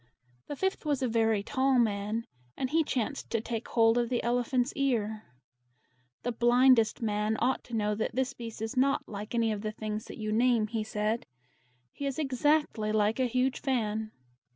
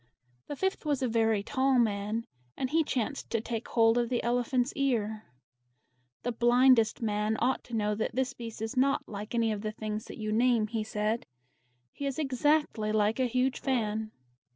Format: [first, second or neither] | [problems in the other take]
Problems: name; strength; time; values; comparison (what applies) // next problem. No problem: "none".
first | noise reduction (neural separator model SepFormer DNS4)